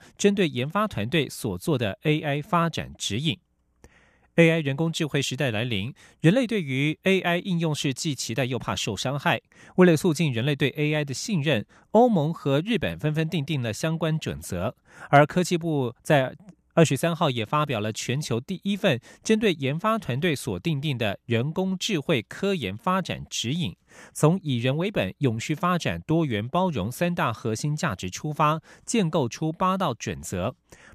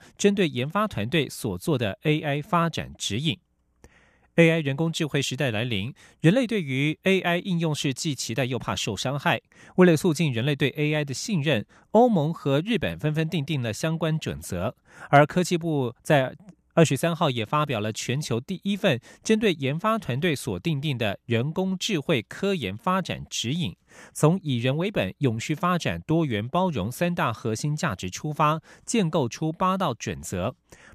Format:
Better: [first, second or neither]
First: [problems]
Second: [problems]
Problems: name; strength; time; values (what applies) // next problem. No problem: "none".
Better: neither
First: none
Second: none